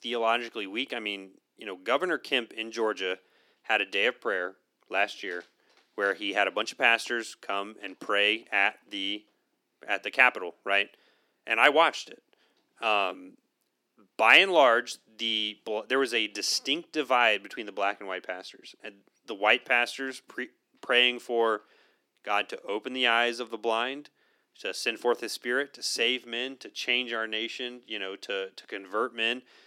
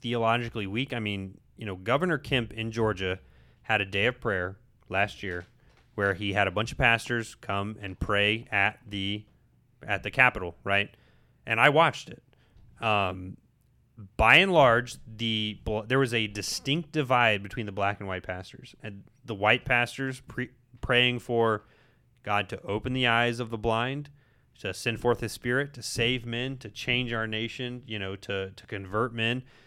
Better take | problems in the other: second | thin; somewhat; fading below 300 Hz

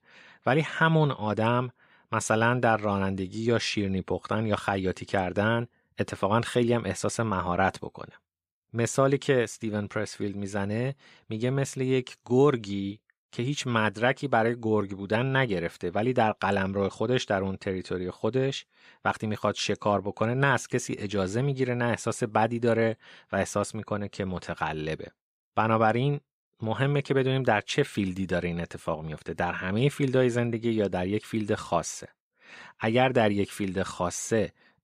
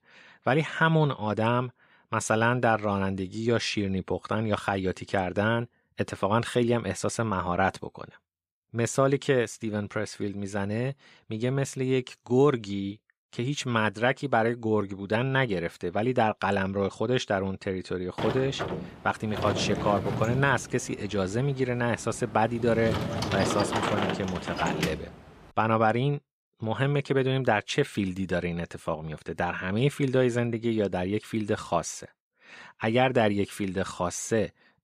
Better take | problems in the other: first | door banging; loud; from 18 to 25 s; peak level with the speech

